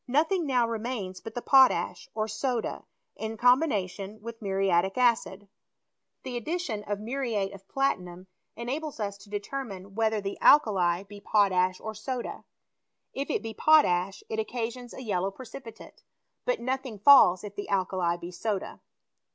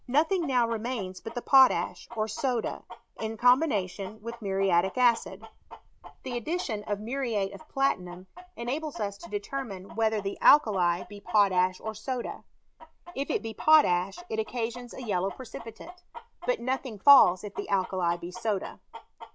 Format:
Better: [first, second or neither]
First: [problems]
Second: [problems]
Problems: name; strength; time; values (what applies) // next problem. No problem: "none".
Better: first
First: none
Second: background sound (Chicken, rooster); 18 dB below the speech